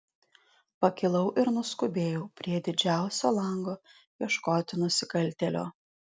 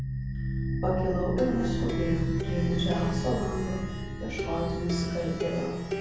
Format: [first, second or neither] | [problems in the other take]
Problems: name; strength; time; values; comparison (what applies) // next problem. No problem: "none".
first | background sound (Plucked string instrument); as loud as the speech // room echo; dies away in 1.1 s